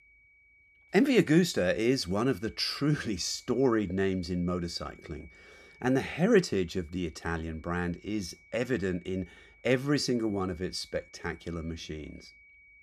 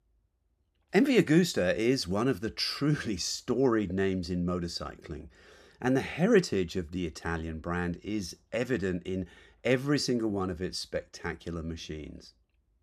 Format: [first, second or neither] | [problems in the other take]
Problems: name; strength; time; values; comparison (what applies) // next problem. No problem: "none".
second | high-pitched whine; faint; throughout; 2.5 kHz, 25 dB below the speech